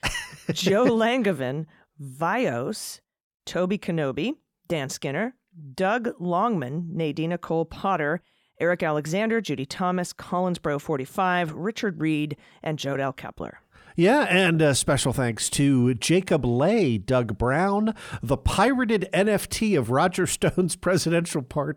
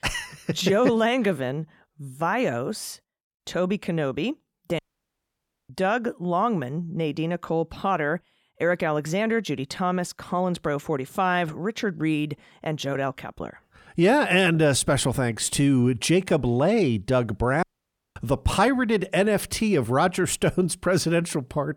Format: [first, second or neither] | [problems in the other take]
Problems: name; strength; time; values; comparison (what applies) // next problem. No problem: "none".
first | audio cutting out; at 5 s for 1 s and at 18 s for 0.5 s